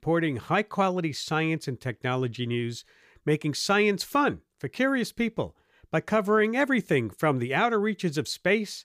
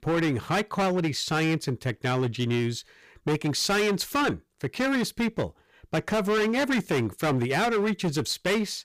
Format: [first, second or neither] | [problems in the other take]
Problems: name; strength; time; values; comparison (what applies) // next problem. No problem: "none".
first | distortion; heavy; 19% of the sound clipped